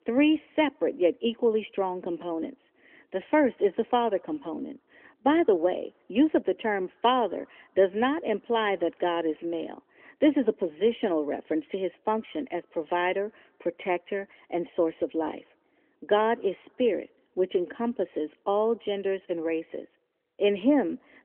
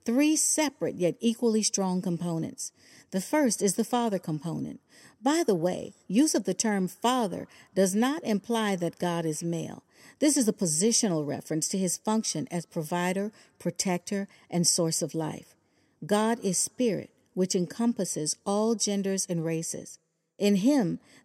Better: second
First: phone-call audio; nothing above 3 kHz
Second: none

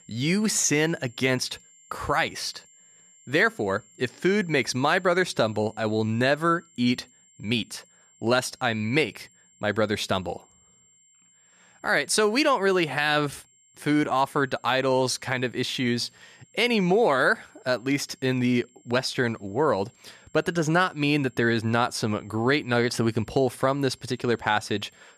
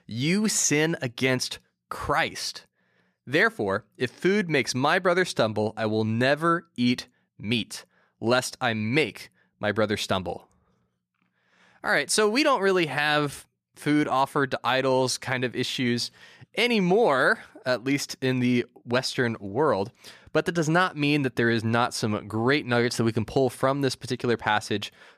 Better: second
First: high-pitched whine; faint; throughout; 7.5 kHz, 30 dB below the speech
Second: none

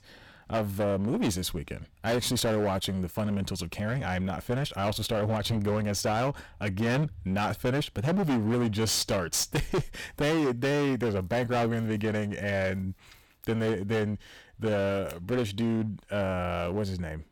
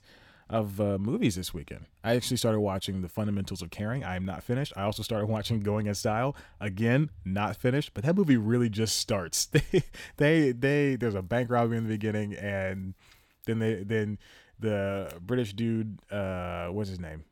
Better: second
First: distortion; heavy; 18% of the sound clipped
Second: none

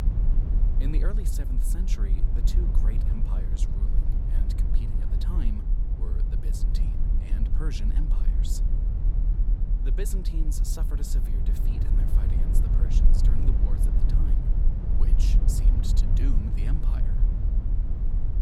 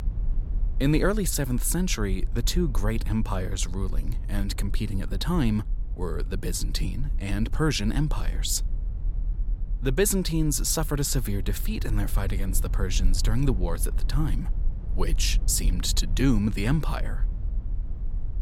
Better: second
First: low rumble; loud; throughout; as loud as the speech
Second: low rumble; faint; throughout; 20 dB below the speech

